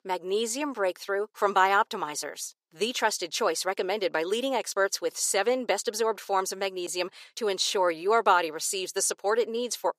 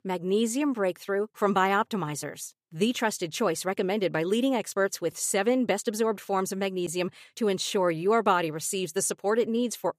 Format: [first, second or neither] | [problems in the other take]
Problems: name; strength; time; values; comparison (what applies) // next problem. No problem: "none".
second | thin; somewhat; fading below 450 Hz